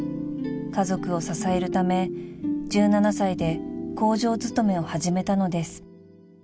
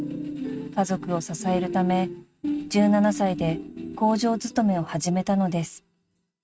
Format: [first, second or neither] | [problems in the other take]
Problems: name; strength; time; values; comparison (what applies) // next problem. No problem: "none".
first | noise reduction (neural mask model RNNoise)